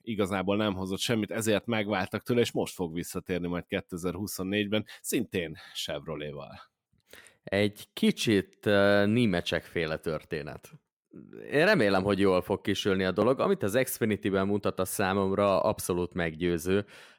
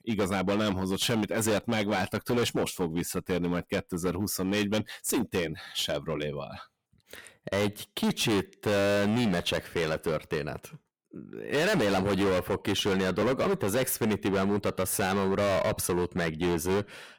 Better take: first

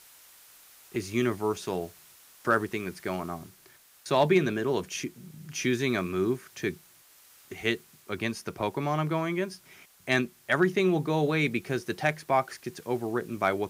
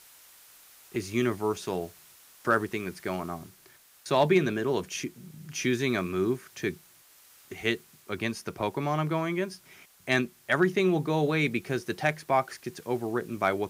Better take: neither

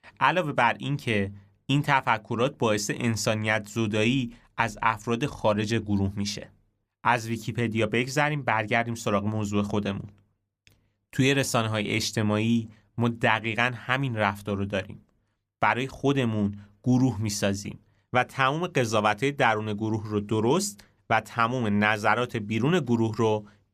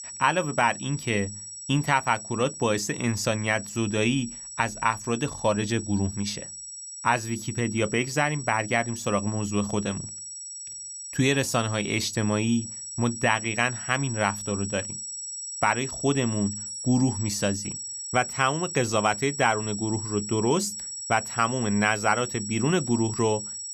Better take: first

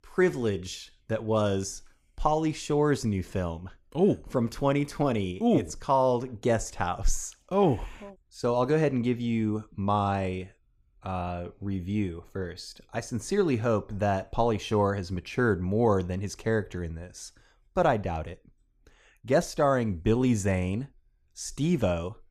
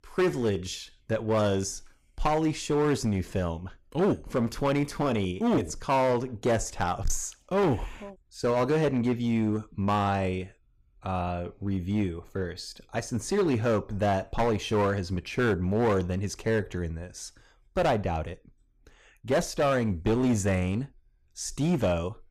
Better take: first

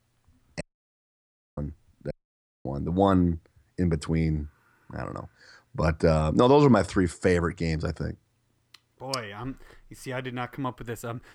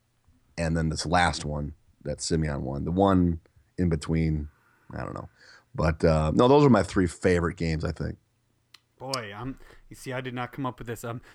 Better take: second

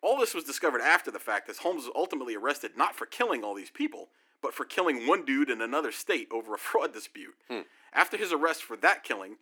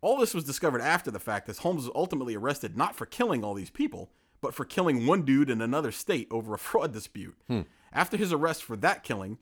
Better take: second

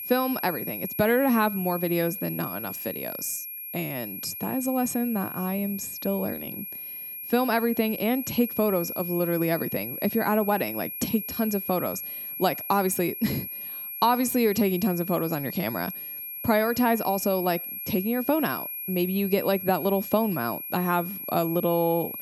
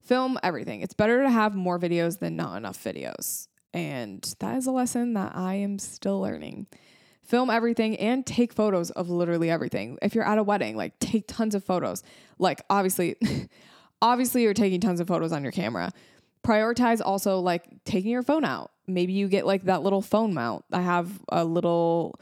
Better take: second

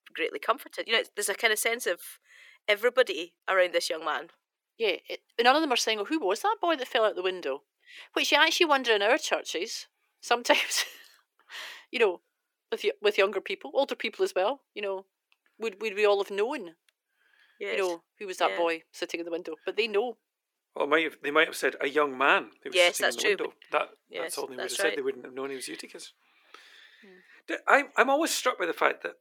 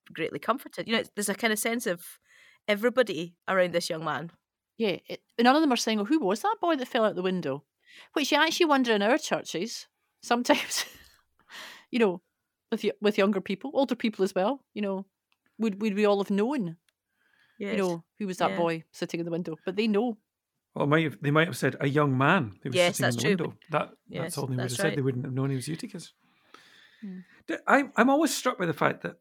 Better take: second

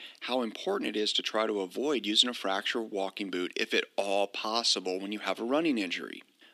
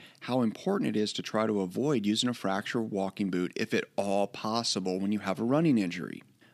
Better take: second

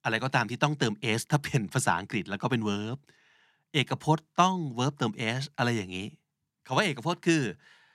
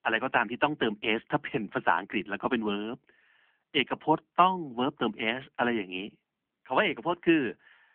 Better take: first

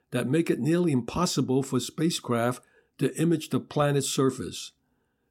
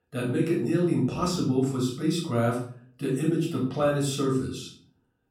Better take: first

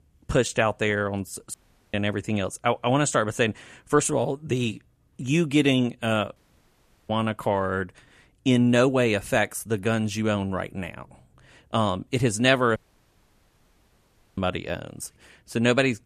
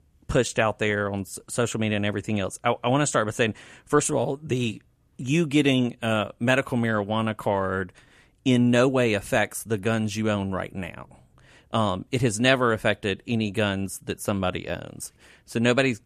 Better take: second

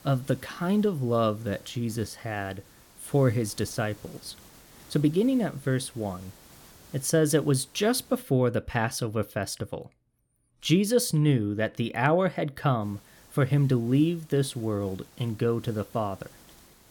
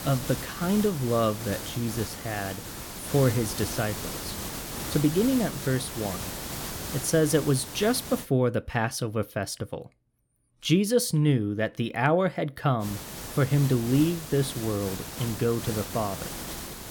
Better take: first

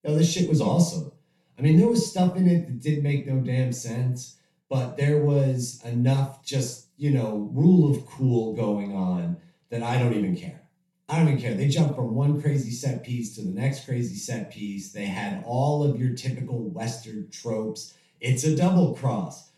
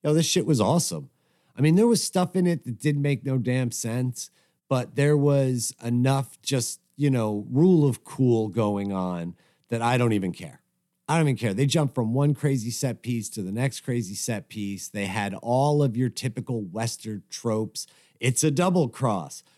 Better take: second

